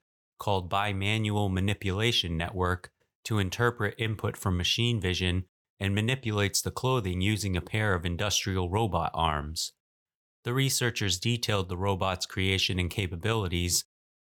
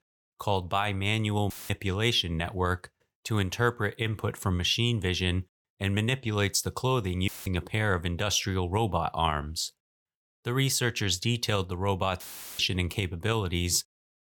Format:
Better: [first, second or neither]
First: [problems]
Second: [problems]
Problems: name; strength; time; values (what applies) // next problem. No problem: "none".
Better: first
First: none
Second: audio cutting out; filled with static; at 1.5 s, at 7.5 s and at 12 s